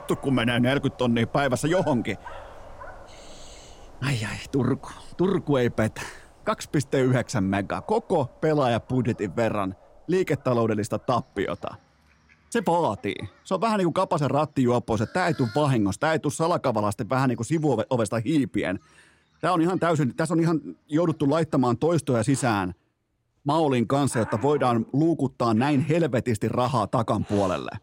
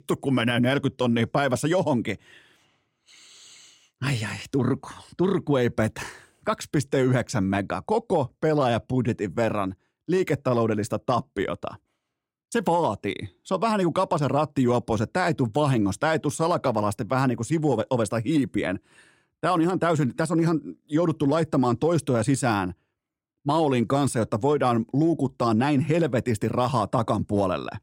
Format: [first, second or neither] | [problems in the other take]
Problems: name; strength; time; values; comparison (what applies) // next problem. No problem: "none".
second | animal sounds; faint; throughout; 20 dB below the speech